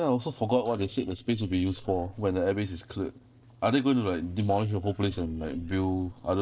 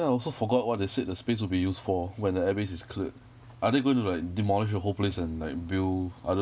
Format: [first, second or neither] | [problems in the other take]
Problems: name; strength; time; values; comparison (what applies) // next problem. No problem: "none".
second | noise reduction (neural separator model SepFormer DNS4)